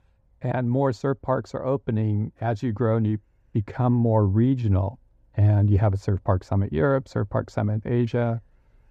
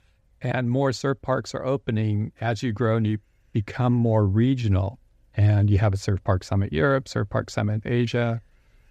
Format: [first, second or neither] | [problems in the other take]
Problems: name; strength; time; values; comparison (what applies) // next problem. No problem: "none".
second | muffled; slightly; fading above 1.5 kHz